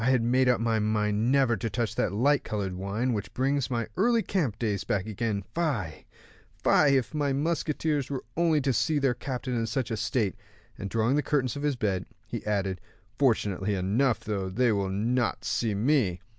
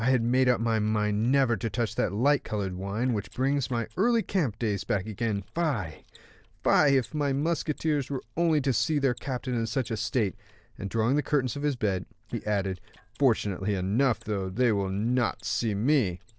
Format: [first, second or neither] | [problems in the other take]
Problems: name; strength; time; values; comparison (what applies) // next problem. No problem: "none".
first | noise reduction (neural separator model SepFormer DNS4)